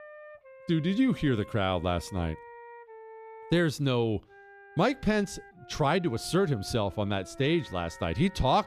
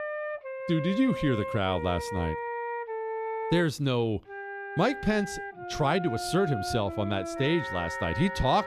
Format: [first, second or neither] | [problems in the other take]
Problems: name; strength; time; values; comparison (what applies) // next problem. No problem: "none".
first | background music; loud; throughout; 7 dB below the speech; faint in the first